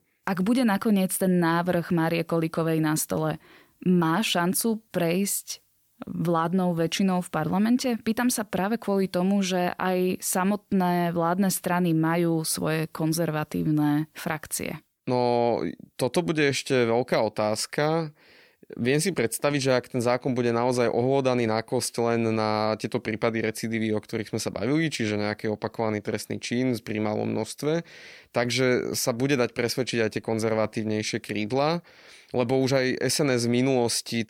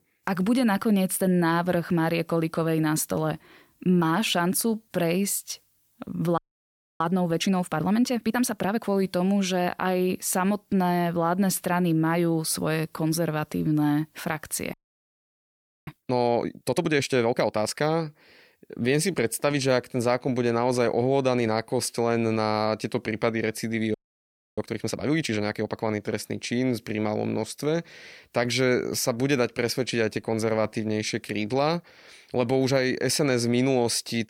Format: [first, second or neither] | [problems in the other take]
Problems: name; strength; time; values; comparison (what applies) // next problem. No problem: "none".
first | audio freezing; at 6.5 s for 0.5 s, at 15 s for 1 s and at 24 s for 0.5 s